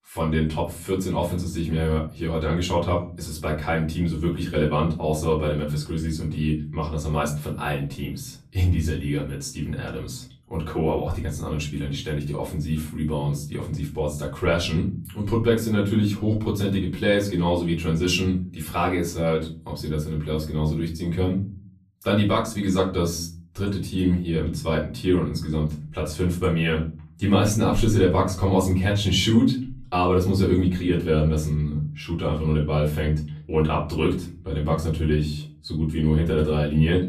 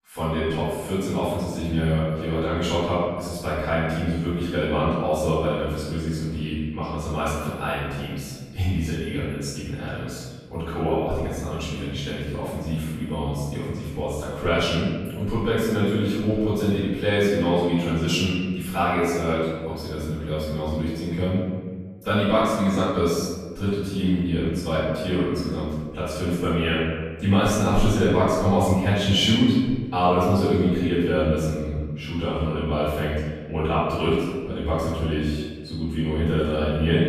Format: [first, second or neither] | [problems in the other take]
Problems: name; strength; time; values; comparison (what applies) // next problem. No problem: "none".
first | room echo; strong; dies away in 1.4 s; slight in the first // off-mic speech; far; far in the first